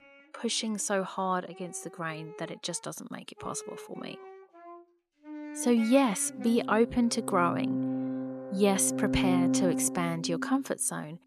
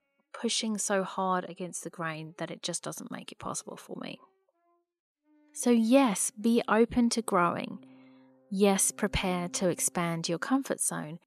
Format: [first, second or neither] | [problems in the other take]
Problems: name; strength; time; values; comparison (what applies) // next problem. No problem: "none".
second | background music; loud; throughout; 4 dB below the speech; faint in the second